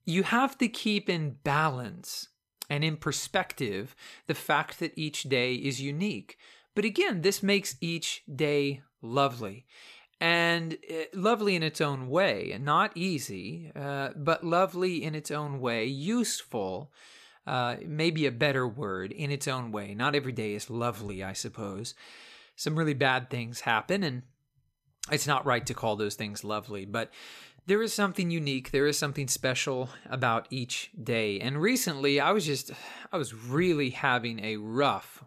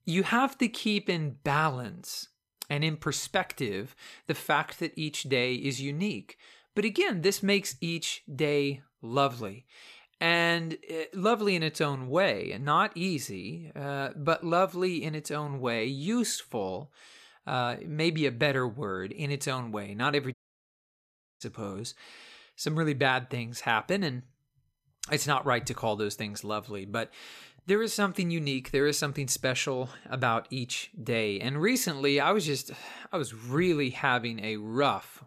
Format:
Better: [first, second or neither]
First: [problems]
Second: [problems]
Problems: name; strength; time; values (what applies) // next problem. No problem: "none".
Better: first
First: none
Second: audio cutting out; at 20 s for 1 s